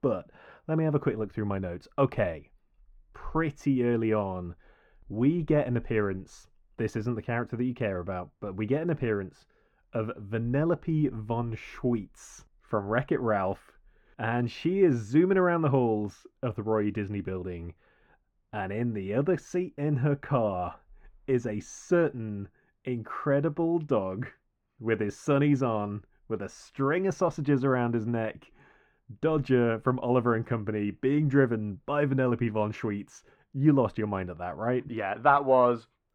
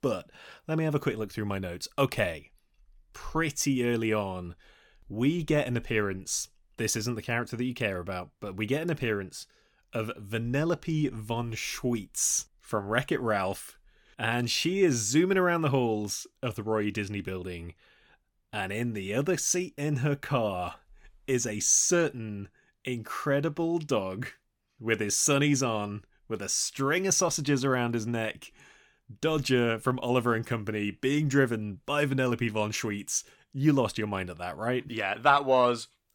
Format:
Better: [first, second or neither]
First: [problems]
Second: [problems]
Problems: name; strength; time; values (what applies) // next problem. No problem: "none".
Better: second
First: muffled; very; fading above 3 kHz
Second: none